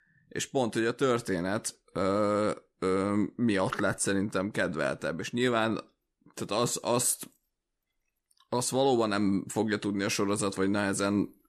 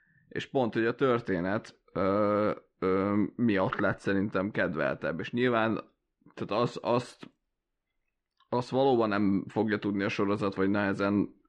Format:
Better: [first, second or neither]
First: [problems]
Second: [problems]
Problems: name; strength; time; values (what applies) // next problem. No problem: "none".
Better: first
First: none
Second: muffled; slightly; fading above 3 kHz